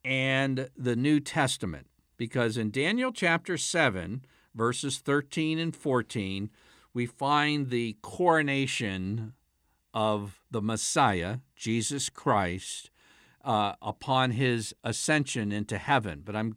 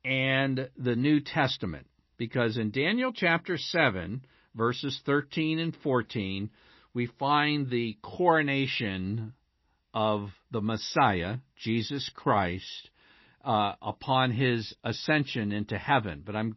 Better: first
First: none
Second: garbled, watery; slightly; nothing above 5.5 kHz

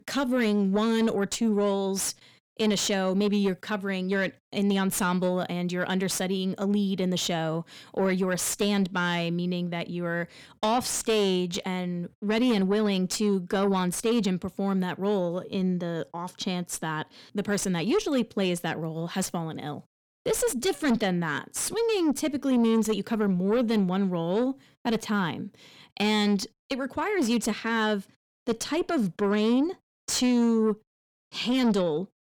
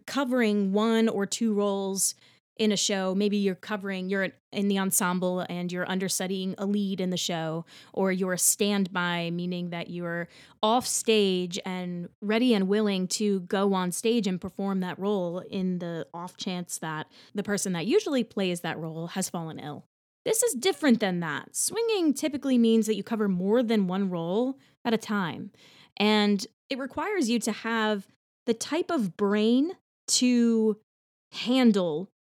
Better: second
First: distortion; slight; 10 dB below the speech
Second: none

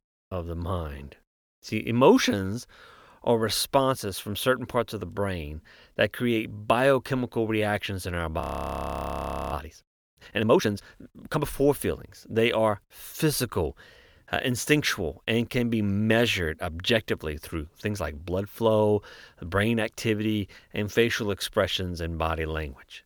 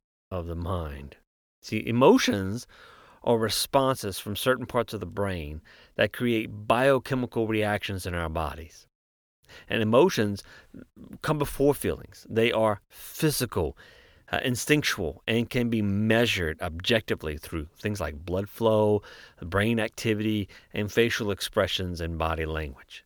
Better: second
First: audio freezing; at 8.5 s for 1 s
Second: none

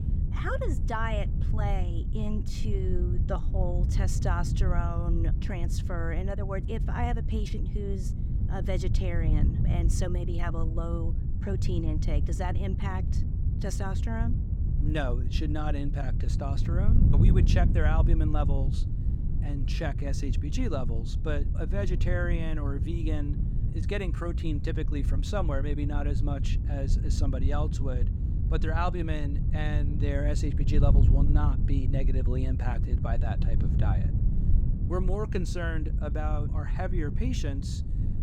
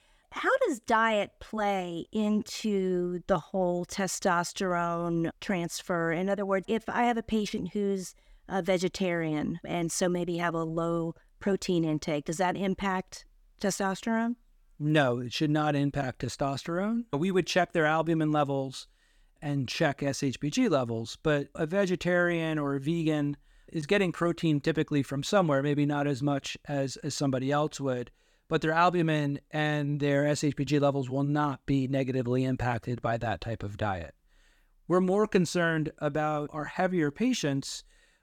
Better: second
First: wind noise on the microphone; heavy; 7 dB below the speech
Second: none

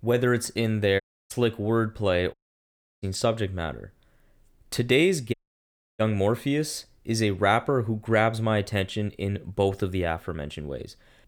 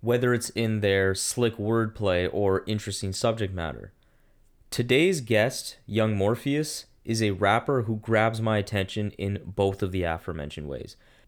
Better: second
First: audio cutting out; at 1 s, at 2.5 s for 0.5 s and at 5.5 s for 0.5 s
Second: none

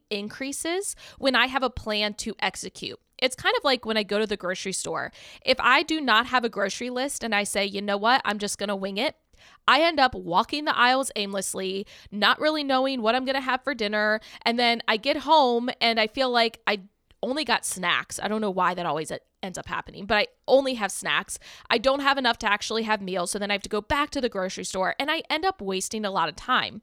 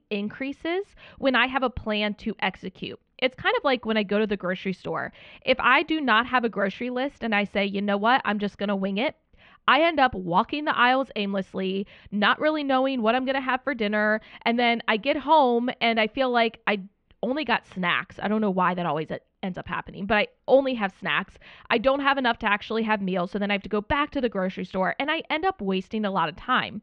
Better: first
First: none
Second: muffled; slightly; fading above 3 kHz

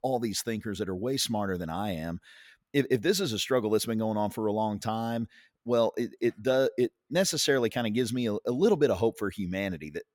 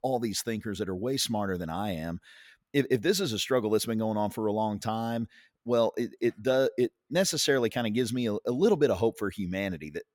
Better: neither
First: none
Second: none

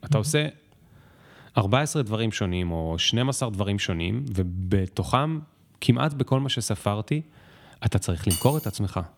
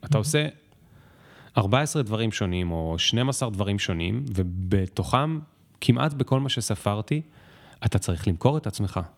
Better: second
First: clattering dishes; noticeable; at 8.5 s; peak 4 dB below the speech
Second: none

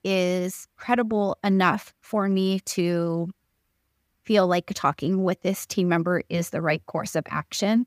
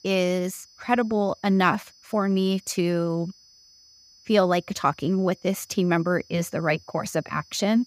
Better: first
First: none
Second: high-pitched whine; faint; throughout; 5 kHz, 25 dB below the speech

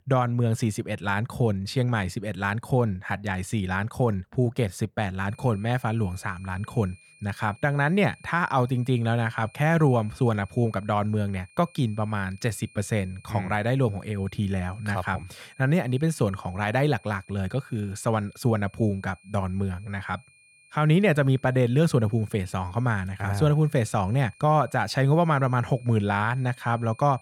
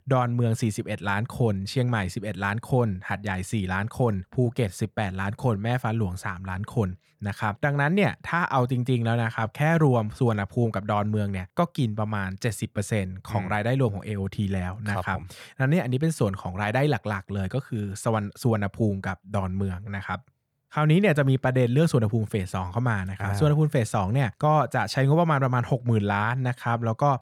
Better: second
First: high-pitched whine; faint; from 5.5 s on; 2.5 kHz, 30 dB below the speech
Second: none

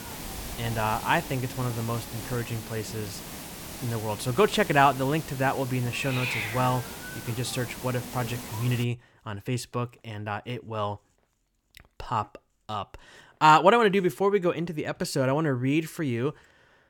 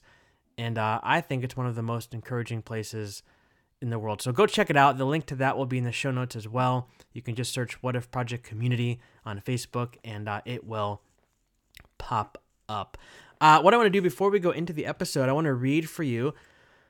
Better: second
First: hiss; loud; until 9 s; 10 dB below the speech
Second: none

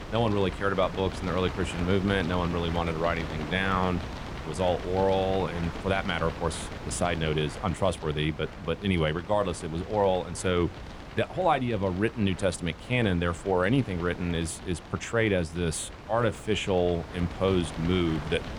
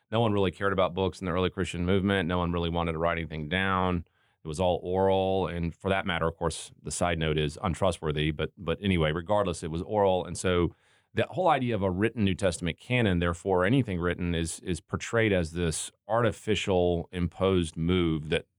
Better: second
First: wind noise on the microphone; occasional gusts; 10 dB below the speech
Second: none

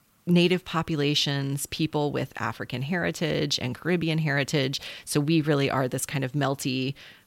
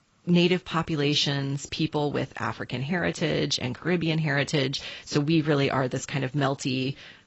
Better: first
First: none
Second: garbled, watery; badly; nothing above 8 kHz

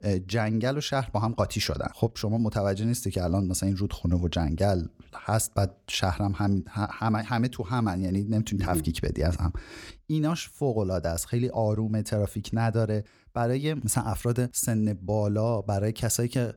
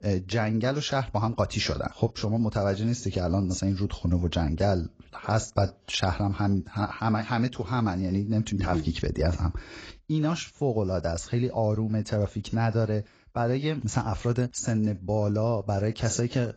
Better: first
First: none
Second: garbled, watery; badly; nothing above 7.5 kHz

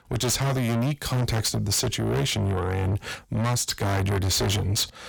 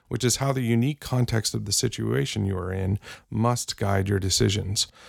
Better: second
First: distortion; heavy; 5 dB below the speech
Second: none

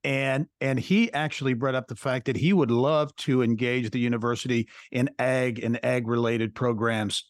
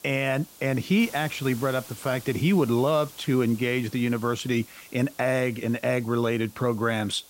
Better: first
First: none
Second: hiss; noticeable; throughout; 20 dB below the speech

